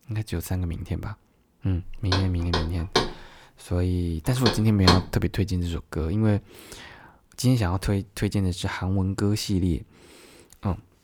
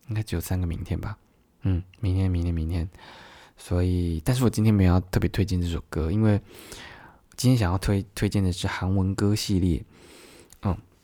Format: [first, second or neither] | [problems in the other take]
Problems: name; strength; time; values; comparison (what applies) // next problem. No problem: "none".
second | door banging; loud; from 2 to 5 s; peak 3 dB above the speech